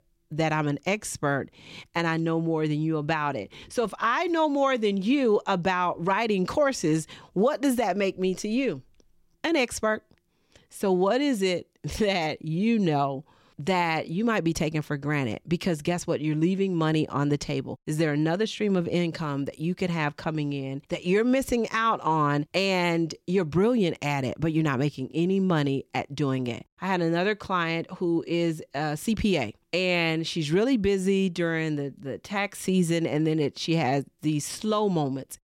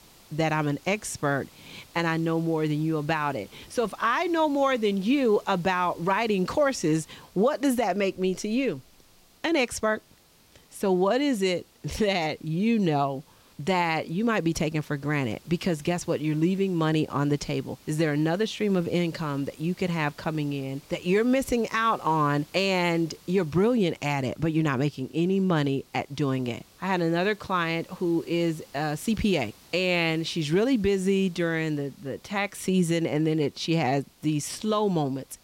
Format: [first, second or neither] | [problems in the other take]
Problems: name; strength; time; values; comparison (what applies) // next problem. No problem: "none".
first | hiss; faint; throughout; 25 dB below the speech